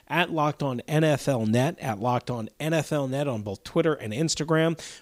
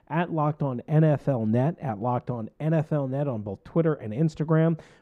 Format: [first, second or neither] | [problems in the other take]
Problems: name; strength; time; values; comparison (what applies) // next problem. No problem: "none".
first | muffled; very; fading above 2.5 kHz